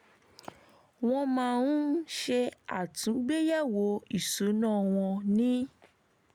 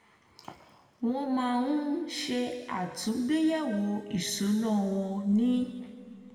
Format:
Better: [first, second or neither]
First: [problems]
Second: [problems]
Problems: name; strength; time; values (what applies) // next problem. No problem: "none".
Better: first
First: none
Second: room echo; dies away in 1.8 s